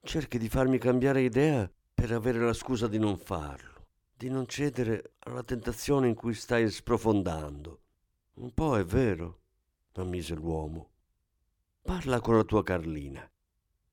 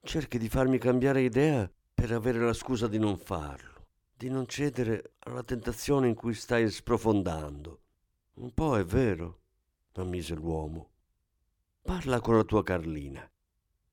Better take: neither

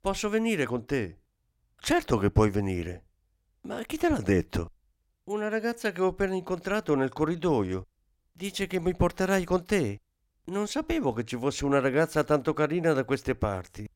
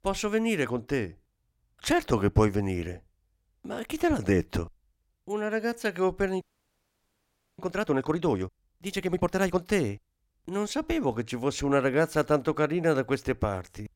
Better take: first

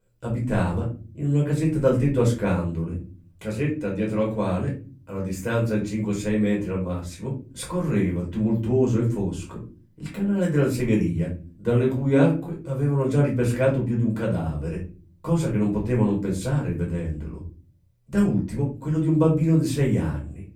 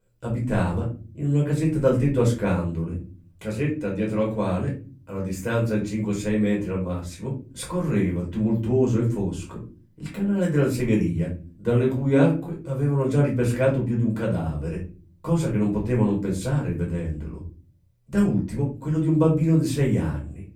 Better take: neither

